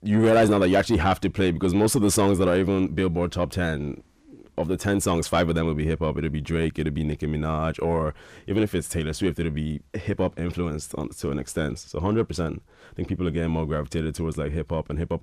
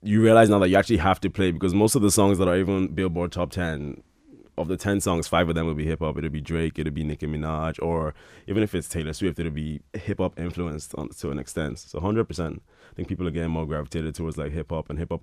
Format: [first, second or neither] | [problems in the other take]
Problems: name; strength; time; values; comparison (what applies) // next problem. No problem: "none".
second | distortion; slight; 10 dB below the speech